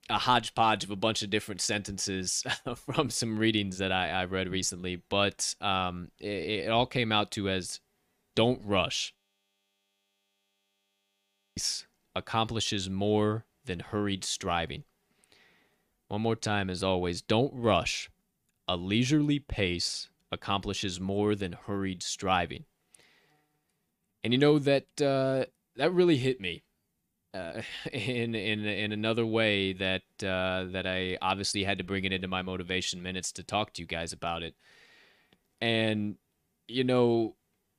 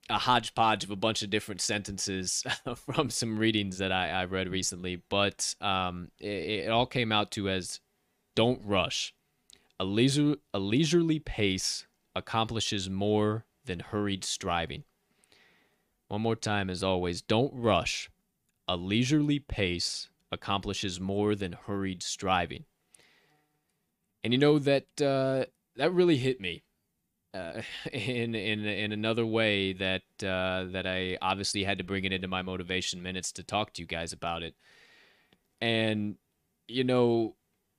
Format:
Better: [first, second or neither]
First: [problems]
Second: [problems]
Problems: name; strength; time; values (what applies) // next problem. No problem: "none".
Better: second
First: audio freezing; at 9 s for 2.5 s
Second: none